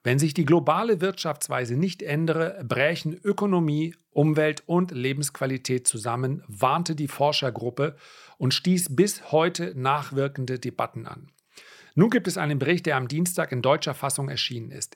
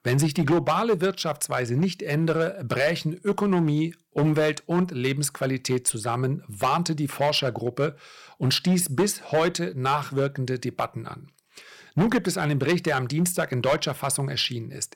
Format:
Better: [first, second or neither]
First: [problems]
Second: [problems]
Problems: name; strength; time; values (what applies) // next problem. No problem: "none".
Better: first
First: none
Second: distortion; slight; 5% of the sound clipped